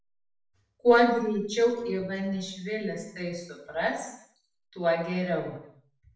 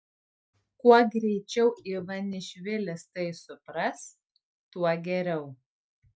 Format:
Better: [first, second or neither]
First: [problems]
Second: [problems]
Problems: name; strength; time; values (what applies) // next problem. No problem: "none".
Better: second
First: room echo; dies away in 0.6 s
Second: none